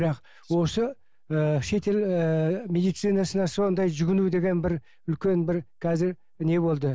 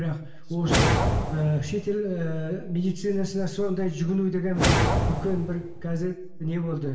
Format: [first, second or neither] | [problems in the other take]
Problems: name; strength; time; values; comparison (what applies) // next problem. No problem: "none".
first | background sound (Whoosh, swoosh, swish); 1 dB above the speech // room echo; dies away in 0.7 s